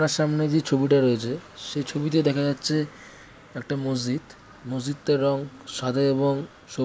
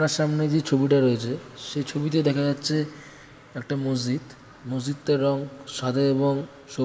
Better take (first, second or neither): first